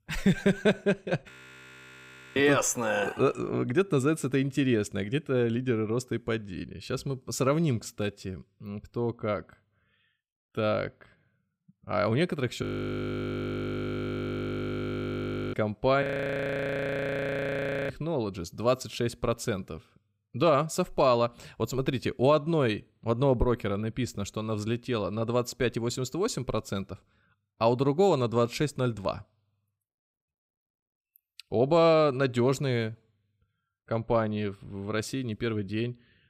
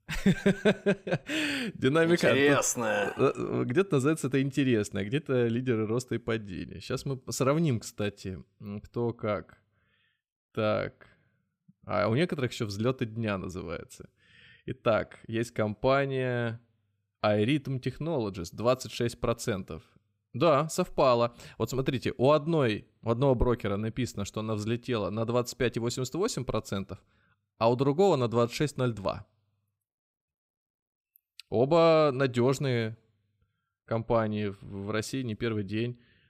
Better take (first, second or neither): second